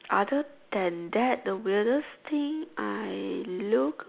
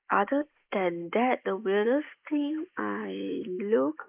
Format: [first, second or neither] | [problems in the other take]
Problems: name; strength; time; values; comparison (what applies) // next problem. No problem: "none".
first | noise reduction (neural mask model Resemble Enhance denoiser)